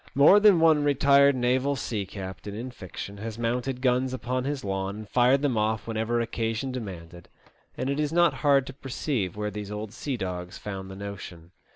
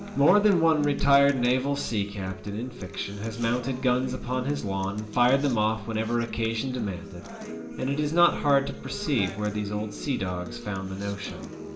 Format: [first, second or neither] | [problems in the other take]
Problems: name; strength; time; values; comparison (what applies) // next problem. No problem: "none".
first | background sound (Acoustic guitar); 13 dB below the speech // room echo; dies away in 0.4 s